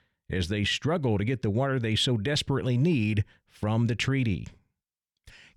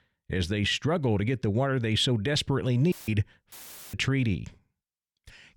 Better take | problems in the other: first | audio cutting out; filled with static; at 3 s and at 3.5 s

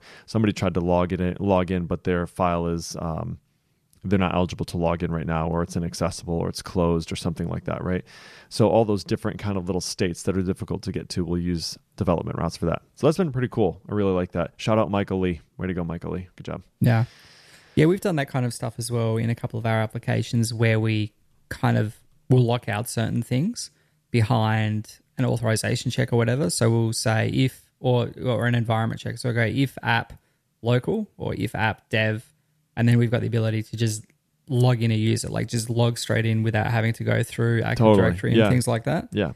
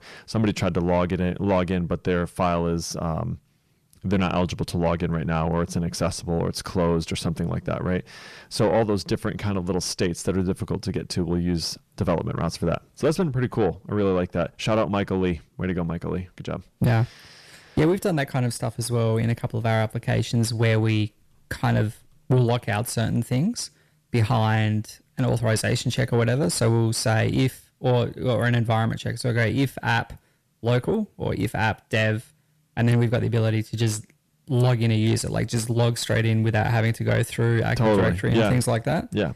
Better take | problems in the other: first | distortion; slight; 10 dB below the speech

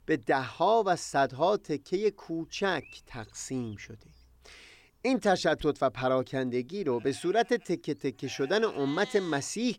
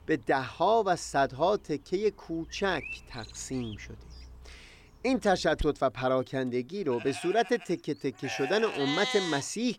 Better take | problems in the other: first | animal sounds; loud; throughout; 9 dB below the speech; faint in the first

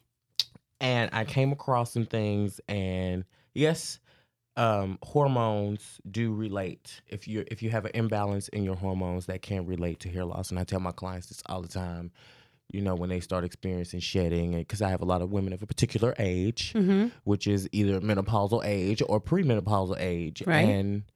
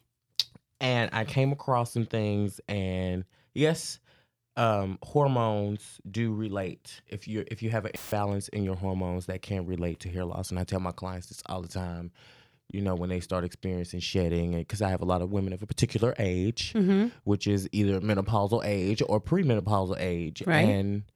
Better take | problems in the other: first | audio cutting out; filled with static; at 8 s

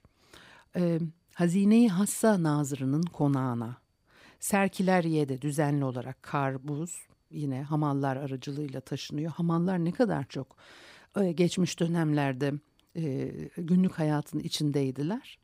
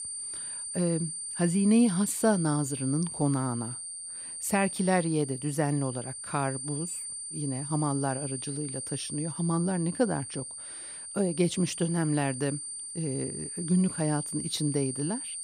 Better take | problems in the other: first | high-pitched whine; loud; throughout; 9 kHz, 6 dB below the speech

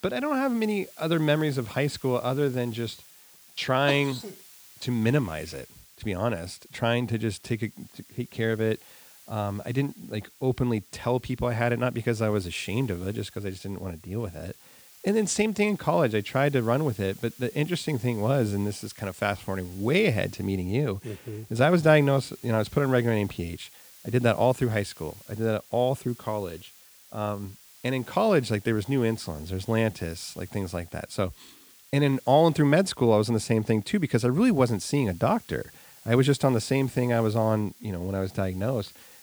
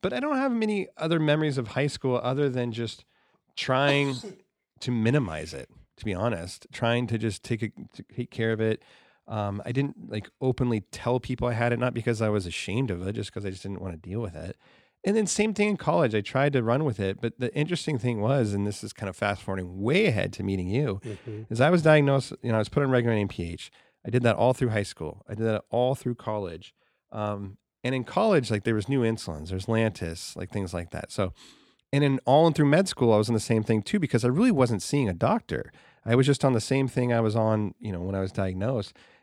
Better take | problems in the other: second | hiss; faint; throughout; 20 dB below the speech

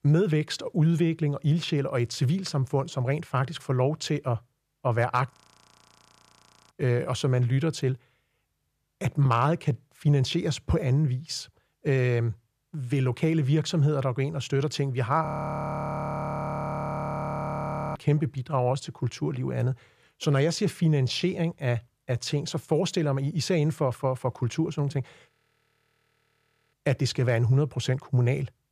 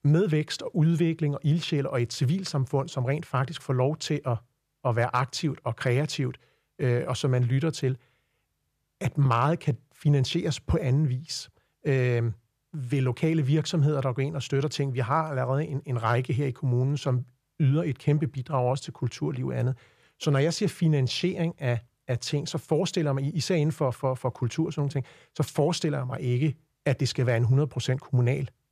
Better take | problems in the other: second | audio freezing; at 5.5 s for 1.5 s, at 15 s for 2.5 s and at 25 s for 1.5 s

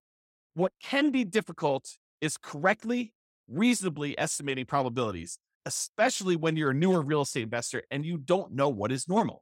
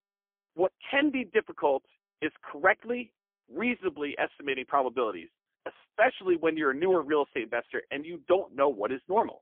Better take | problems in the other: first | phone-call audio; poor line; nothing above 3.5 kHz

